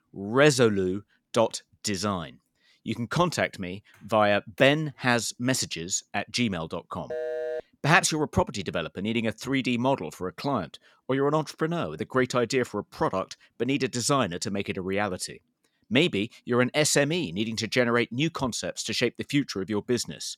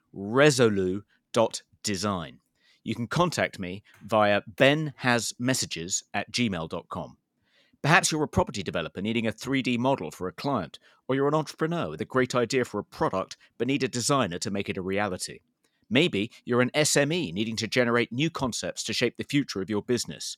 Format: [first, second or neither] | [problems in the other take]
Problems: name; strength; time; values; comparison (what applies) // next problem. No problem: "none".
second | phone ringing; noticeable; at 7 s; peak 5 dB below the speech